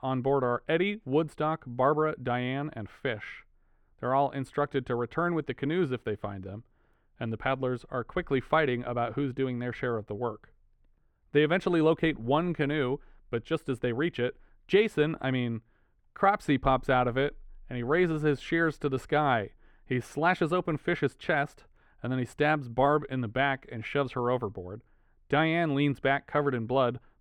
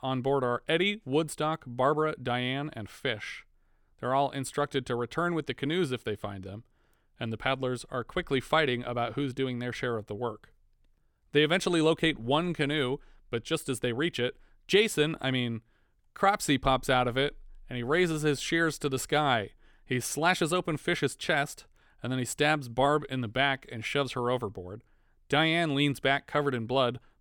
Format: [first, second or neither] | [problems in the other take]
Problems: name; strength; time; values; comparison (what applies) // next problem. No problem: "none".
second | muffled; very; fading above 3.5 kHz